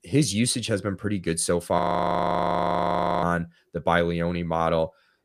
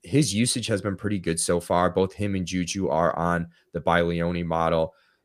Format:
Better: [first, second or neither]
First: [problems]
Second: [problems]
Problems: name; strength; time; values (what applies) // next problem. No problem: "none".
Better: second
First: audio freezing; at 2 s for 1.5 s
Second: none